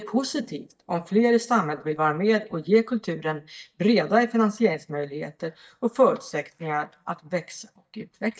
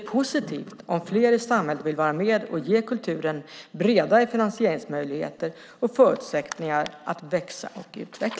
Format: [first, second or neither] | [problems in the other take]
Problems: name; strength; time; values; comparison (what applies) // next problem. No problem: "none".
second | noise reduction (neural mask model DeepFilterNet 3)